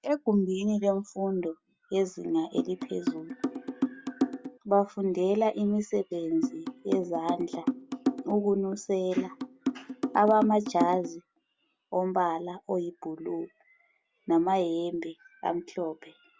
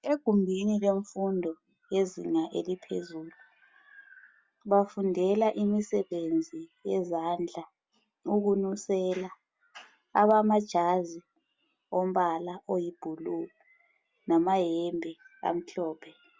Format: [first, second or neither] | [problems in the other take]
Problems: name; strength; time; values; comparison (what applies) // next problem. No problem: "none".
second | background sound (Drum); 3 dB below the speech